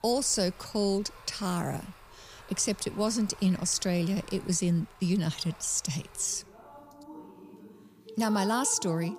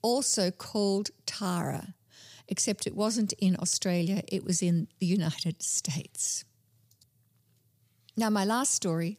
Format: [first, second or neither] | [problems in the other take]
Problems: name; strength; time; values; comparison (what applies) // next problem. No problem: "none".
second | rain or running water; noticeable; throughout; 20 dB below the speech